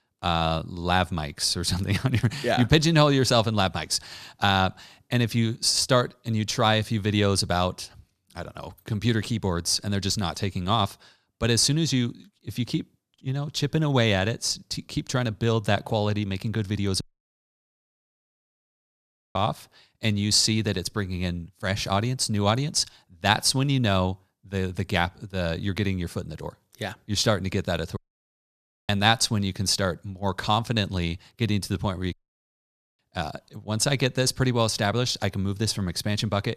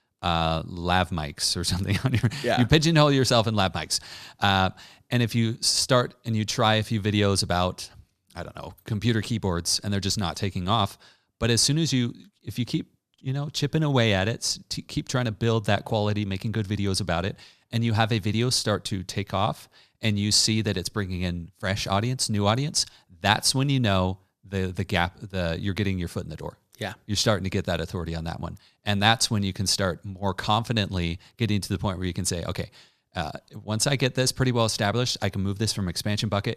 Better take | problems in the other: second | audio cutting out; at 17 s for 2.5 s, at 28 s for 1 s and at 32 s for 1 s

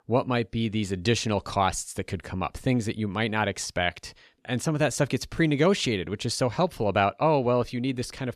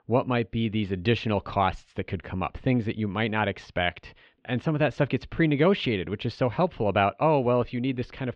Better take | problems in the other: first | muffled; very; fading above 3 kHz

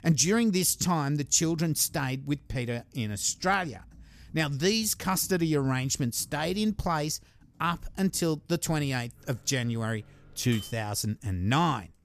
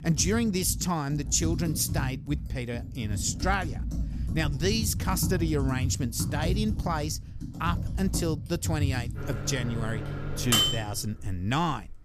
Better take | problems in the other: first | household noises; loud; throughout; 2 dB below the speech; faint in the first

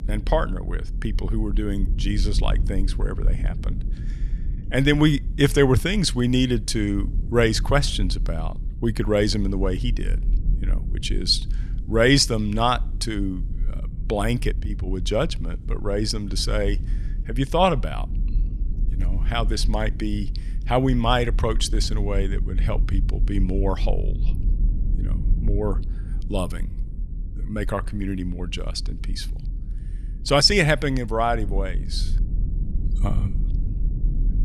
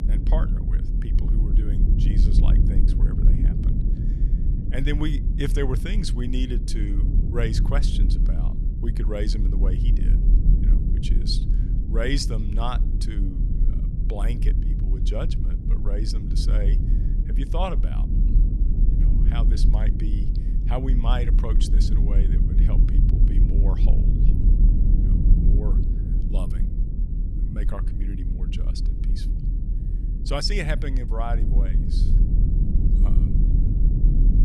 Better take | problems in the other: first | low rumble; loud; throughout; 5 dB below the speech; faint in the first

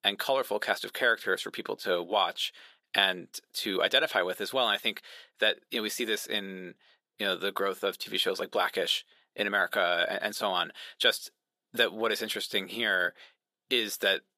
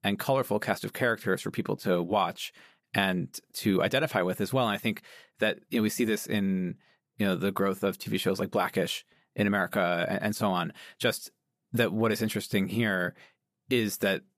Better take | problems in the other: second | thin; somewhat; fading below 450 Hz

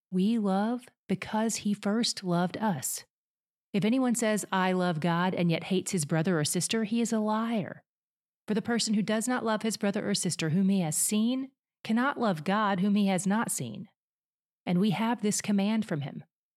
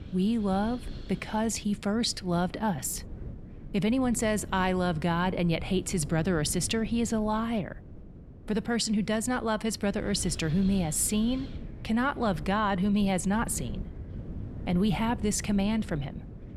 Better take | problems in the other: first | wind noise on the microphone; occasional gusts; 20 dB below the speech

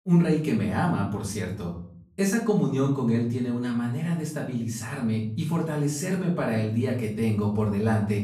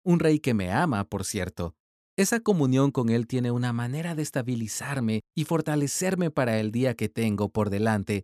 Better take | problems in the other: second | off-mic speech; far // room echo; slight; dies away in 0.6 s

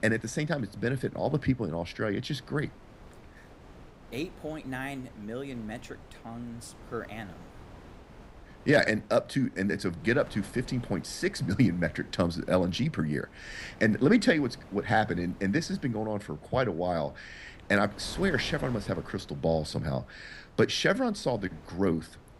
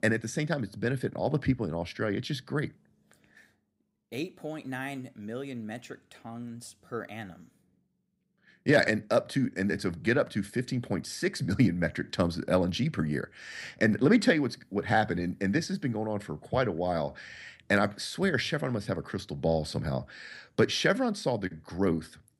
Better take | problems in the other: second | wind noise on the microphone; occasional gusts; 20 dB below the speech

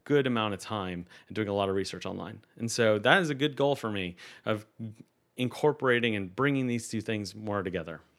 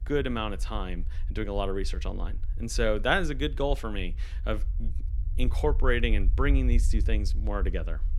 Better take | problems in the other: first | low rumble; faint; throughout; 20 dB below the speech

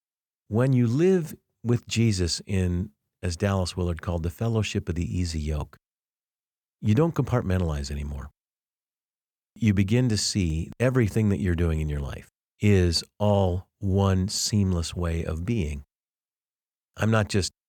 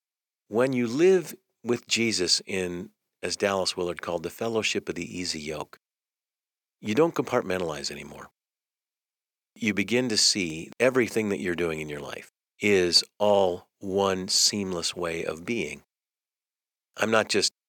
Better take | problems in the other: first | thin; somewhat; fading below 350 Hz

